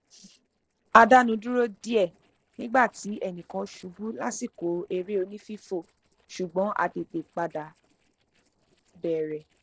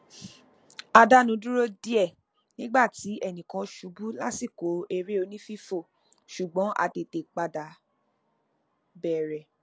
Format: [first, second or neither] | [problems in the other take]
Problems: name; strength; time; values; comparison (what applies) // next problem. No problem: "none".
second | noise reduction (neural separator model SepFormer DNS4)